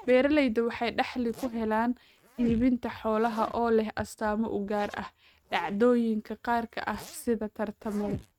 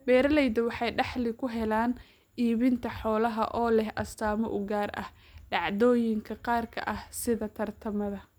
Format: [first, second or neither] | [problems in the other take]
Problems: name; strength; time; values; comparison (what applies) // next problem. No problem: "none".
second | noise reduction (neural mask model RNNoise)